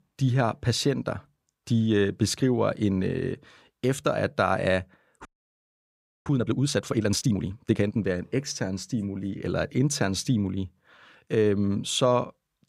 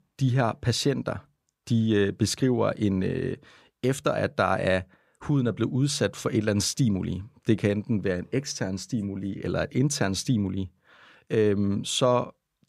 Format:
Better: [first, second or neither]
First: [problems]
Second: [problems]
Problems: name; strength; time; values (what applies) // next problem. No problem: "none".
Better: second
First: audio freezing; at 5.5 s for 1 s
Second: none